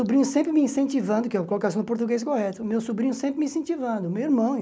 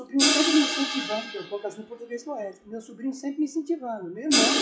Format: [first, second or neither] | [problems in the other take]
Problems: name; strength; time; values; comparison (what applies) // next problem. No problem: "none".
first | noise reduction (classical method WPE with log-MMSE)